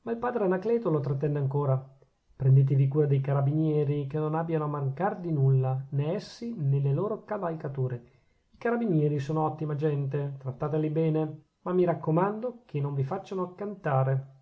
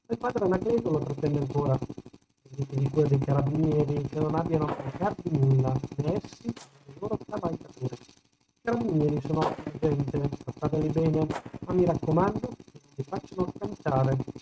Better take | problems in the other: first | noise reduction (neural mask model RNNoise)

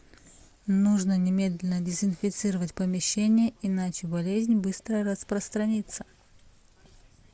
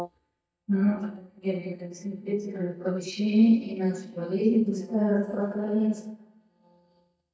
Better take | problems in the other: first | noise reduction (neural mask model DeepFilterNet 3)

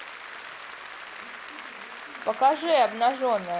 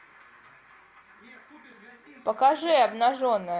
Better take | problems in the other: second | background sound (Applause); 14 dB below the speech

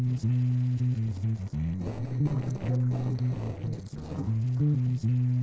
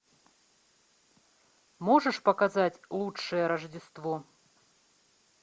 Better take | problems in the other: second | noise reduction (neural separator model SepFormer DNS4)

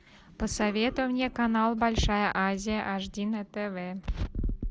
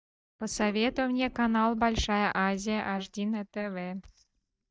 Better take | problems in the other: first | noise reduction (neural mask model DeepFilterNet 3)

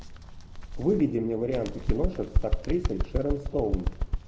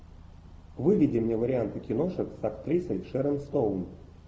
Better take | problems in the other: second | background sound (Bird); as loud as the speech

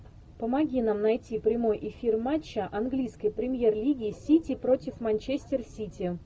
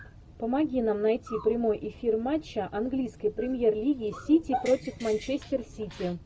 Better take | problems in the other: first | background sound (Dog); 16 dB below the speech

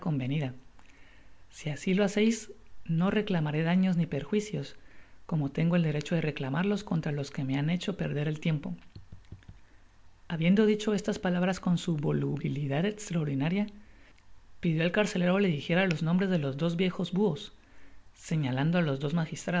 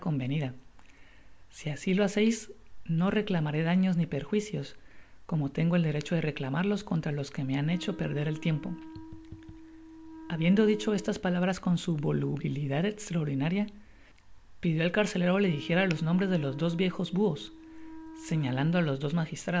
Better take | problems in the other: first | background sound (Wind instrument, woodwind instrument); 17 dB below the speech

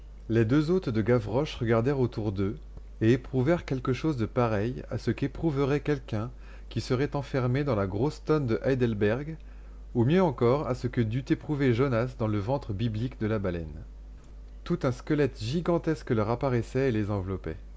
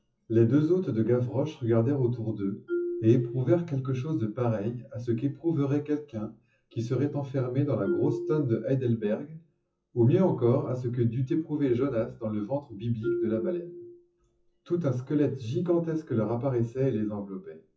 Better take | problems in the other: first | noise reduction (classical method WPE with log-MMSE)

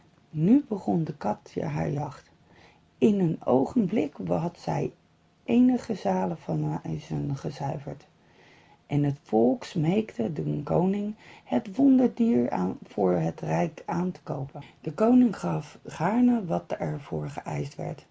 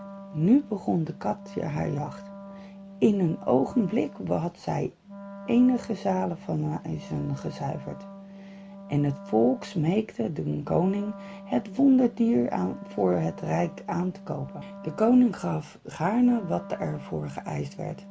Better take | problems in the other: first | background sound (Wind instrument, woodwind instrument); 16 dB below the speech

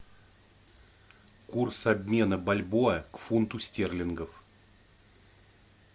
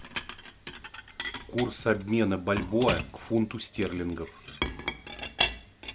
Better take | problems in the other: first | background sound (Chink, clink); 6 dB below the speech

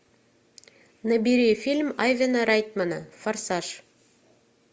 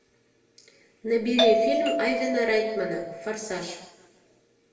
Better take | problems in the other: first | background sound (Doorbell); 2 dB above the speech // room echo; dies away in 0.9 s

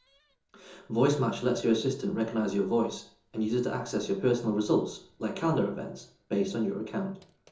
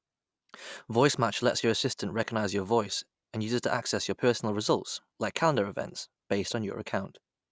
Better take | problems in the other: second | noise reduction (neural separator model SepFormer DNS4)

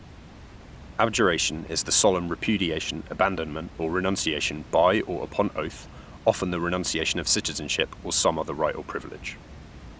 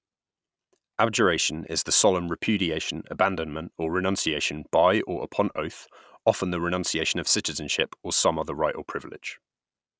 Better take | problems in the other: second | background sound (Water); 17 dB below the speech

